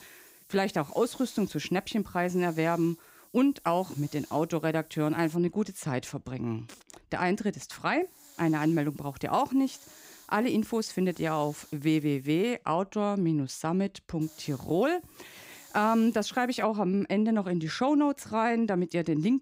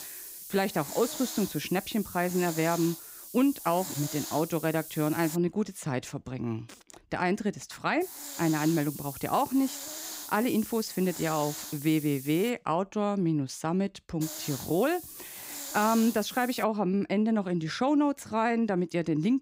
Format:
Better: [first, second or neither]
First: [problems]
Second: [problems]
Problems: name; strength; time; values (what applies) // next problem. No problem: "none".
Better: first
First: hiss; faint; until 5.5 s, from 8 to 13 s and from 14 to 17 s; 25 dB below the speech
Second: hiss; loud; until 5.5 s, from 8 to 13 s and from 14 to 17 s; 10 dB below the speech